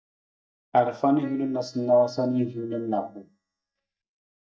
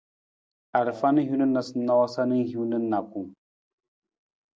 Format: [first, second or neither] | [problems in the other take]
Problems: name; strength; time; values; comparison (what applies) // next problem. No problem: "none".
second | noise reduction (neural mask model DeepFilterNet 3)